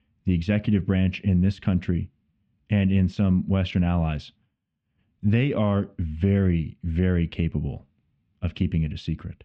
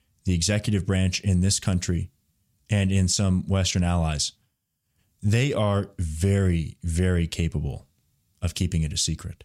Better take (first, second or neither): second